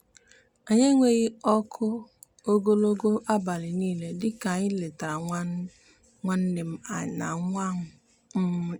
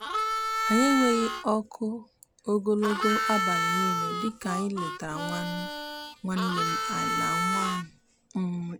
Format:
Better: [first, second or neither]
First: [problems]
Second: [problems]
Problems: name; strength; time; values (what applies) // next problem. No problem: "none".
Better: first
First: none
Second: background sound (Harmonica); 1 dB below the speech